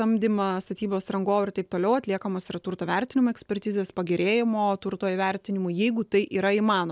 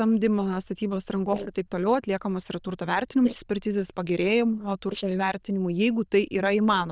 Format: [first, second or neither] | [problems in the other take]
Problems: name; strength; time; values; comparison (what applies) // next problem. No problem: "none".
first | noise reduction (neural diffusion model UNIVERSE++)